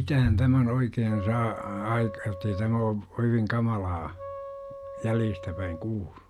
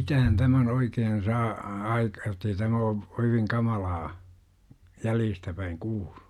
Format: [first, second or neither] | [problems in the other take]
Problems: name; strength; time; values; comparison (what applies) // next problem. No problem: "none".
second | background sound (Wind instrument, woodwind instrument); 14 dB below the speech